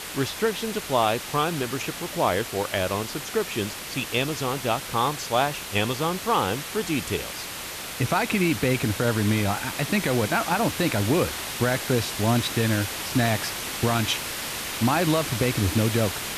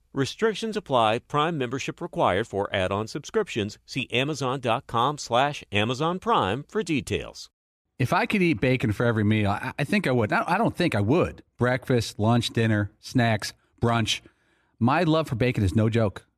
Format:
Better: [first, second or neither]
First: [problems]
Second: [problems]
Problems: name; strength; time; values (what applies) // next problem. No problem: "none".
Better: second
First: hiss; loud; throughout; 6 dB below the speech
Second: none